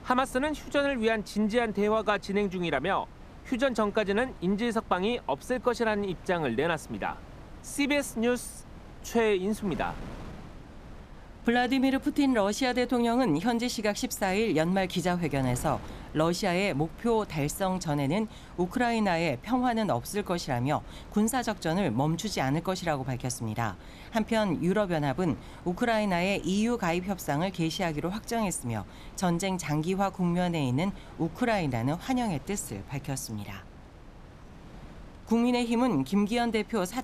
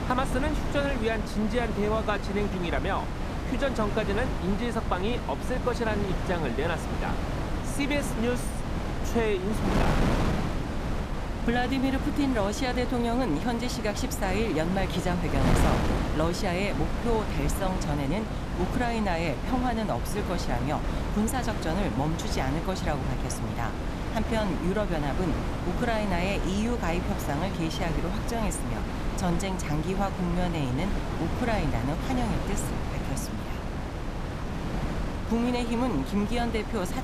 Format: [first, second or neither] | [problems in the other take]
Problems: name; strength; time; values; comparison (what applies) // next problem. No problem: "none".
first | wind noise on the microphone; heavy; 4 dB below the speech; occasional gusts in the first